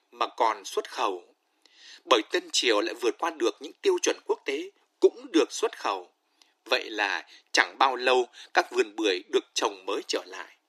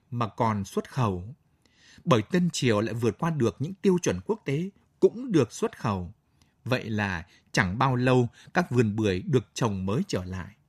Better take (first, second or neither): second